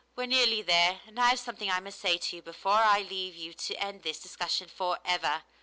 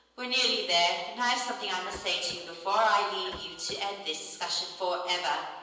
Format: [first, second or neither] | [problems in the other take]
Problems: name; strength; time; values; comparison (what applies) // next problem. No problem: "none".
first | background sound (Printer); 18 dB below the speech // room echo; dies away in 1 s